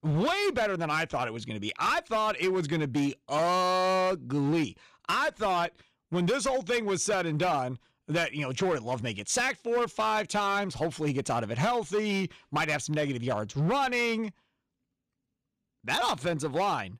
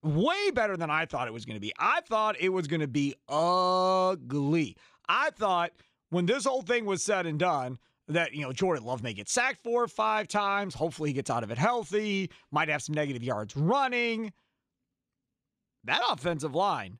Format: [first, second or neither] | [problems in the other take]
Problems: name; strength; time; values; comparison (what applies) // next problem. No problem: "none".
second | distortion; slight; 12% of the sound clipped